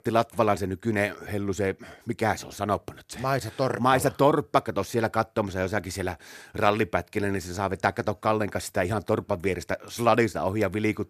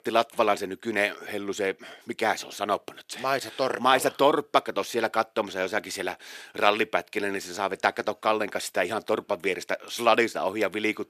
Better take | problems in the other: first | thin; somewhat; fading below 300 Hz

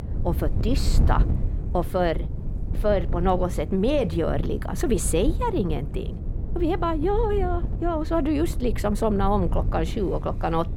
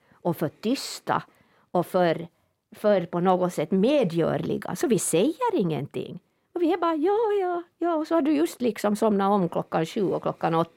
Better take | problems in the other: second | wind noise on the microphone; occasional gusts; 15 dB below the speech

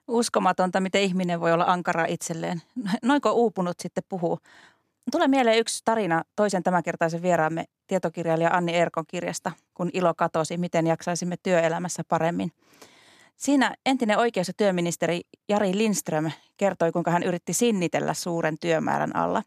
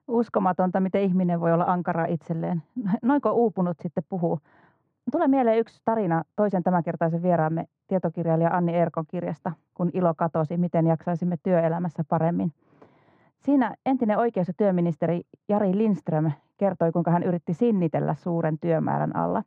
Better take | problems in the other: first | muffled; very; fading above 1 kHz

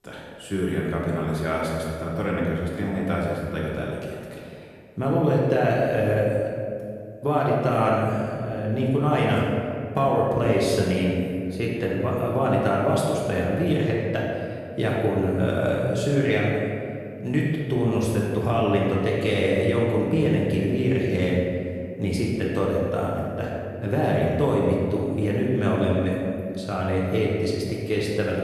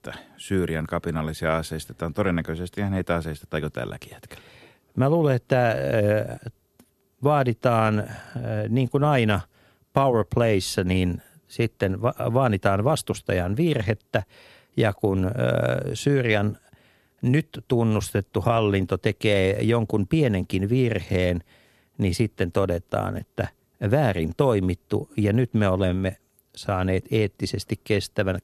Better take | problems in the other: second | room echo; noticeable; dies away in 2 s // off-mic speech; far

